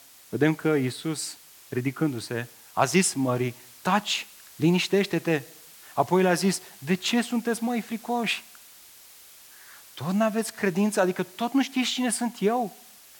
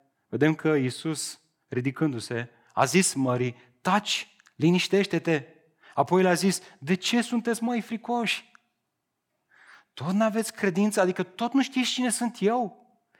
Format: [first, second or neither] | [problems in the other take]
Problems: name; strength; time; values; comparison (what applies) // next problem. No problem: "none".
second | hiss; faint; throughout; 20 dB below the speech